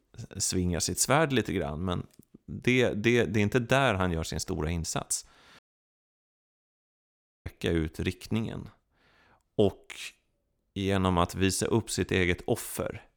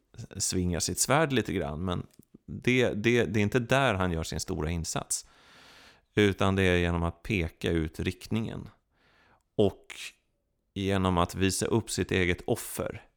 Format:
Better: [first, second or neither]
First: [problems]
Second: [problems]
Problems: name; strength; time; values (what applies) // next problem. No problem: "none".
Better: second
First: audio cutting out; at 5.5 s for 2 s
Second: none